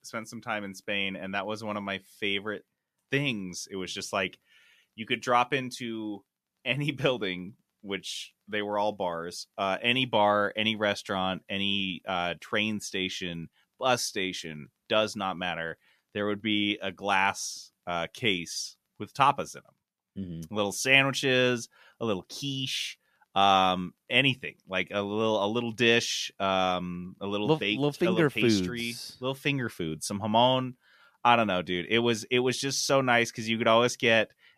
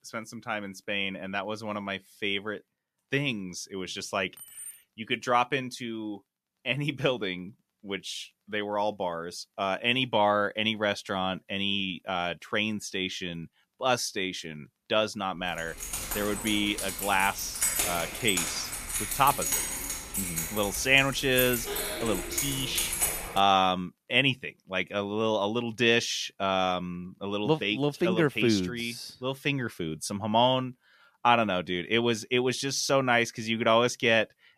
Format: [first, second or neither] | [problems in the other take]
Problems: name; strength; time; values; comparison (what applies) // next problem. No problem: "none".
first | jangling keys; faint; at 4.5 s; peak 15 dB below the speech // jangling keys; loud; from 16 to 23 s; peak 3 dB above the speech